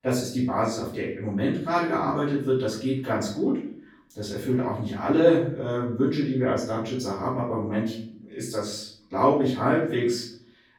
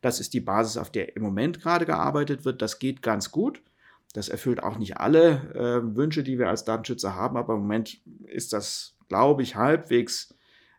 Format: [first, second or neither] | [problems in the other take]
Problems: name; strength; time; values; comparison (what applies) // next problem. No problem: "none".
second | off-mic speech; far // room echo; noticeable; dies away in 0.5 s